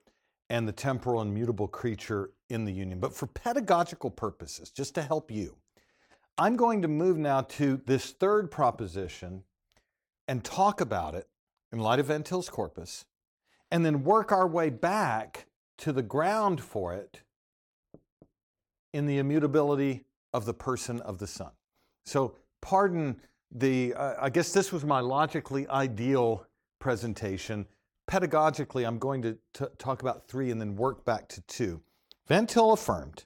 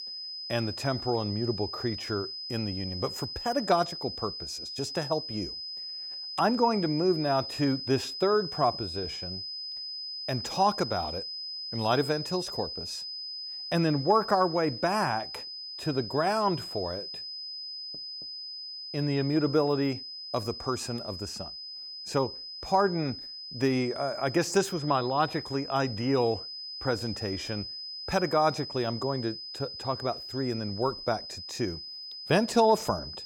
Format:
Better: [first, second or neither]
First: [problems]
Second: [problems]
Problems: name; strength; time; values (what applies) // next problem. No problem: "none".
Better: first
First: none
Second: high-pitched whine; loud; throughout; 5 kHz, 7 dB below the speech